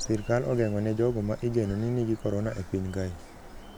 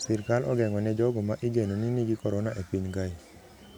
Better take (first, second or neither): second